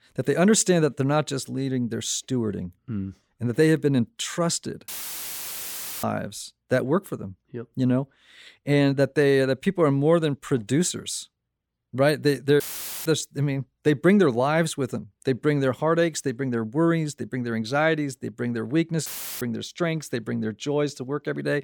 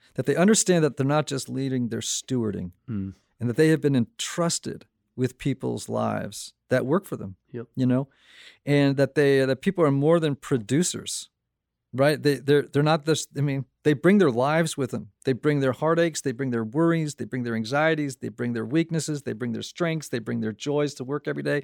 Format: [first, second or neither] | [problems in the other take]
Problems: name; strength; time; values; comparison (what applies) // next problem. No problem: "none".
second | audio cutting out; filled with static; at 5 s for 1 s, at 13 s and at 19 s